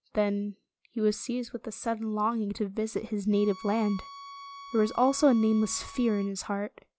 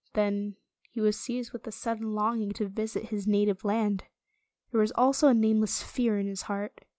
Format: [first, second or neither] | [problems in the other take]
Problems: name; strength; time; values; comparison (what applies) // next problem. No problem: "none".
second | background sound (Bowed string instrument); 18 dB below the speech